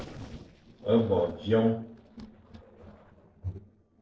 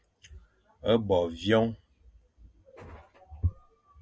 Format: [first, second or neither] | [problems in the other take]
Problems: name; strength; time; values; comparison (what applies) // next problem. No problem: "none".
second | noise reduction (neural separator model SepFormer DNS4)